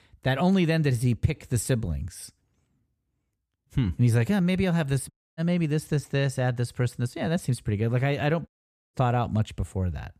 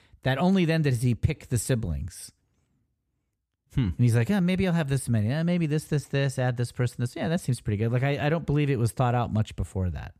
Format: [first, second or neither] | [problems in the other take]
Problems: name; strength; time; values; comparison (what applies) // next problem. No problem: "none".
second | audio cutting out; at 5 s and at 8.5 s